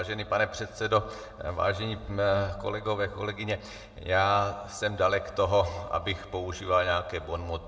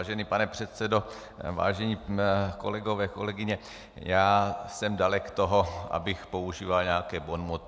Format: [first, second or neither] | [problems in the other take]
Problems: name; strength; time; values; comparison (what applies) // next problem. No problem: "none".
second | room echo; dies away in 0.8 s